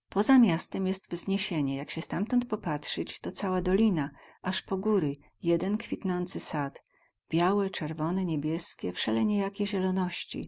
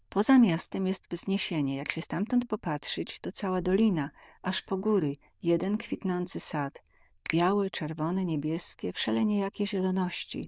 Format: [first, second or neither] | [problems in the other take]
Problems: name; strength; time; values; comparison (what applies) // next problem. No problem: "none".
first | noise reduction (neural diffusion model UNIVERSE++)